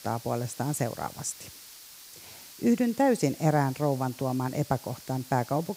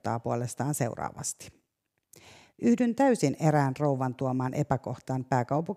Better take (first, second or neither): second